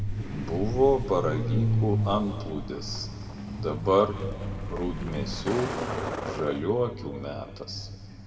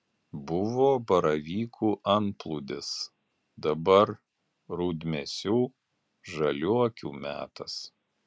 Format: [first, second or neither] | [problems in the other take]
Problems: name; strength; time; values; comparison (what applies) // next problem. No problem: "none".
second | background sound (Truck); 2 dB below the speech // room echo; dies away in 1.5 s